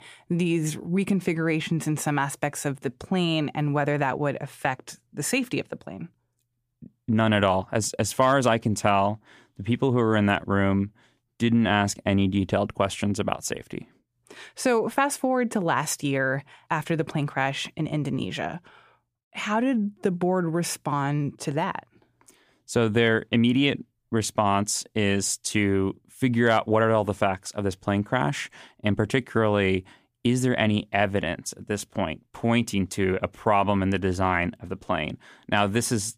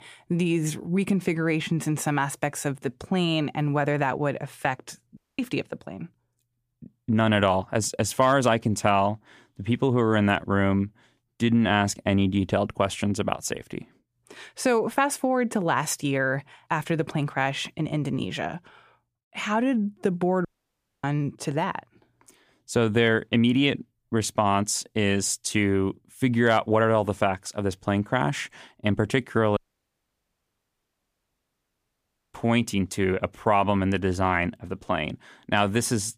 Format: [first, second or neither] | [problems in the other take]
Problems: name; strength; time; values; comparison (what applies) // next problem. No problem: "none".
first | audio cutting out; at 5 s, at 20 s for 0.5 s and at 30 s for 3 s